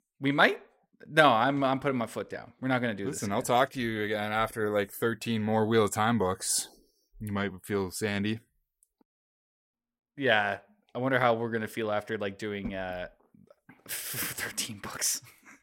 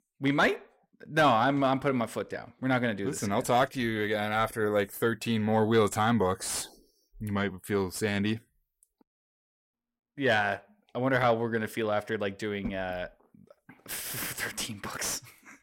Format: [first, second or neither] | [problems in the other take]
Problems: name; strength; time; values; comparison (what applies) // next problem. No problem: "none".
first | distortion; slight; 10 dB below the speech